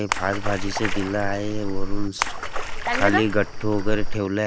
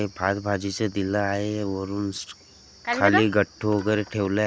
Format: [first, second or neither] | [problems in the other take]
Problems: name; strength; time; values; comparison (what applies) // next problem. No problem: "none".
second | background sound (Splash, splatter); 2 dB above the speech